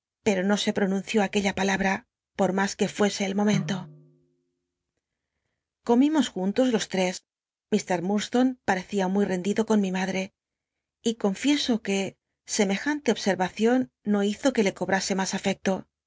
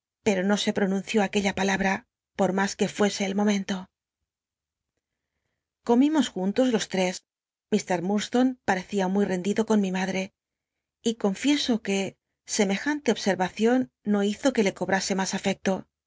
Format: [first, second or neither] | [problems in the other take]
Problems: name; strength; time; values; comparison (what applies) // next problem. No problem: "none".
second | background sound (Snare drum); 13 dB below the speech